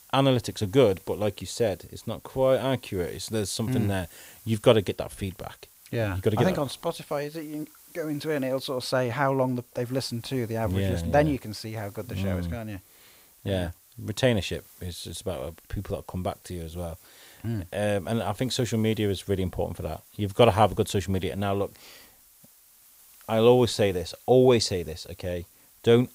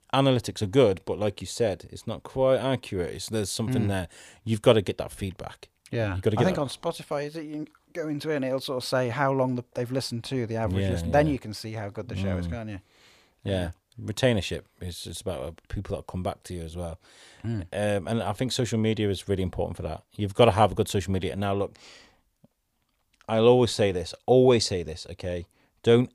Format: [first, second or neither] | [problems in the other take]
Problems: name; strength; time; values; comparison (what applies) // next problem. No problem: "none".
second | hiss; faint; throughout; 25 dB below the speech